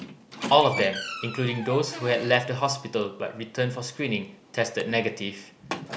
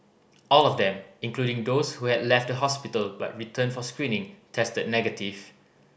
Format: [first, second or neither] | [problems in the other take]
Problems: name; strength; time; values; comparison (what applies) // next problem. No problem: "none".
second | background sound (Squeak); 12 dB below the speech